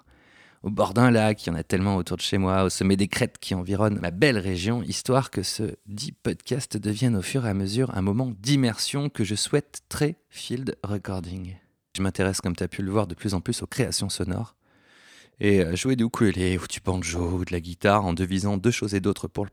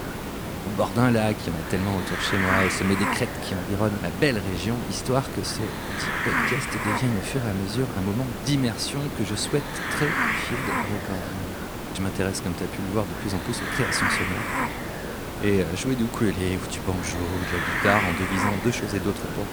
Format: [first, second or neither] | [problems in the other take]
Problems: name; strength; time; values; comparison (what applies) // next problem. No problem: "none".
first | hiss; loud; throughout; 1 dB below the speech